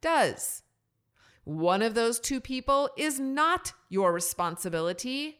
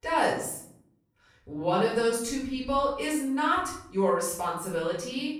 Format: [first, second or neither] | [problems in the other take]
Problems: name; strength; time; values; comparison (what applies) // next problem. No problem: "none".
first | room echo; noticeable; dies away in 0.6 s // off-mic speech; far